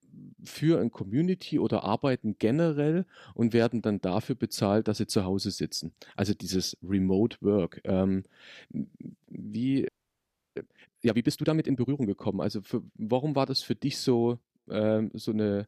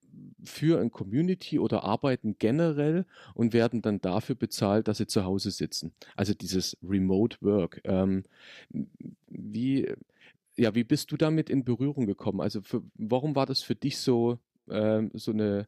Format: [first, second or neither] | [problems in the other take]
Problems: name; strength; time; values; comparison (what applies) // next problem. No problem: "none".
second | audio freezing; at 10 s for 0.5 s